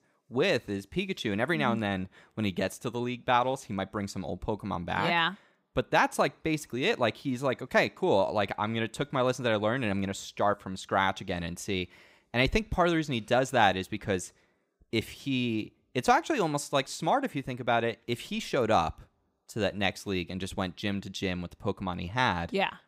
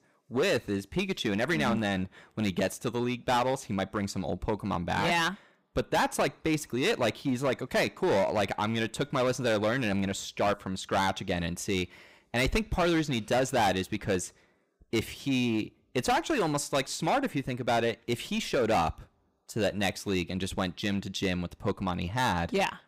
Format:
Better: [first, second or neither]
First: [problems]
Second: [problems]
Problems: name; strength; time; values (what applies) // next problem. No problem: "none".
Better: first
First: none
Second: distortion; heavy; 9% of the sound clipped